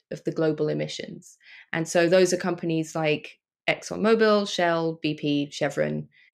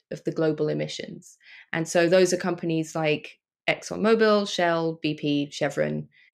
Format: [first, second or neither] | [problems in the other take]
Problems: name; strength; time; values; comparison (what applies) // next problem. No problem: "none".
neither | none